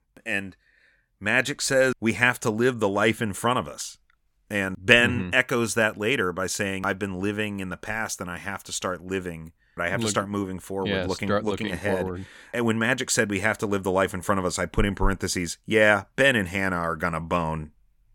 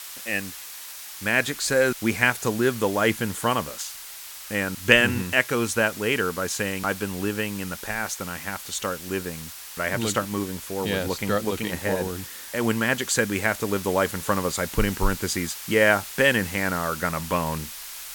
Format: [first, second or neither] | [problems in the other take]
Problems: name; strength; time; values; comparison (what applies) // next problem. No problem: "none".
first | hiss; noticeable; throughout; 10 dB below the speech